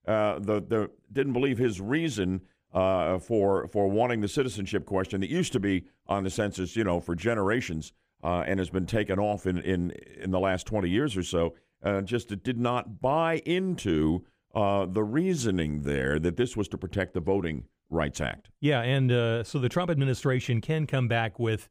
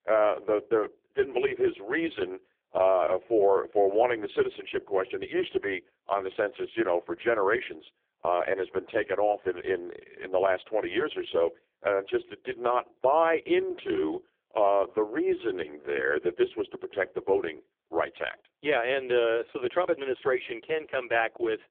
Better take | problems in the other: first | phone-call audio; poor line

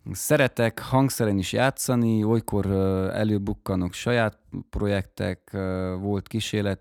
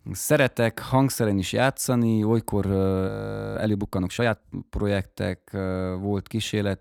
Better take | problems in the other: first | audio freezing; at 3 s

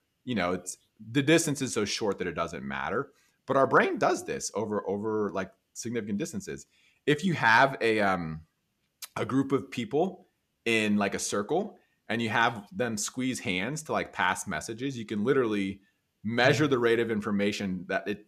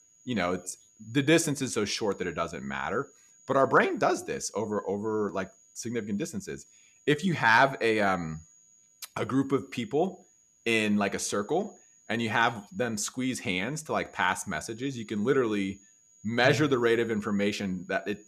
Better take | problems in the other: first | high-pitched whine; faint; throughout; 6.5 kHz, 30 dB below the speech

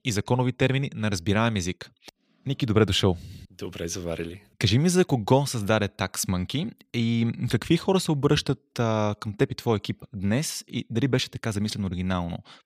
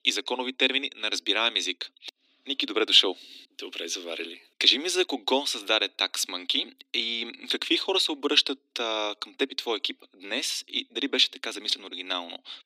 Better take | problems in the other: first | thin; somewhat; fading below 250 Hz

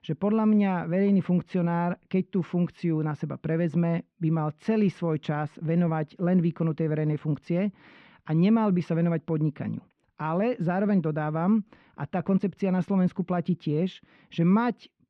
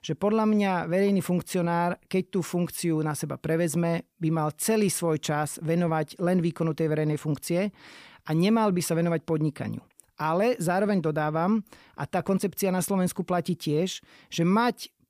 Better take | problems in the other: second | muffled; slightly; fading above 3 kHz

